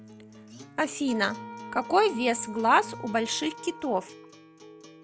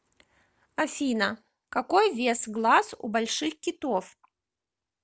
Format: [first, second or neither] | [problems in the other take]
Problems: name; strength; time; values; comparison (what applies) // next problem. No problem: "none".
second | background sound (Wind instrument, woodwind instrument + Acoustic guitar); 15 dB below the speech